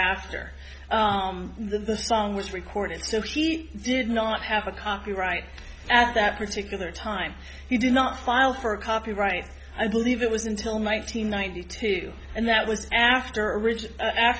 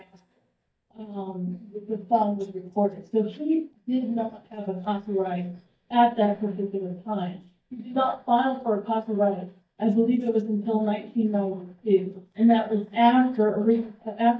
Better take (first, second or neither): first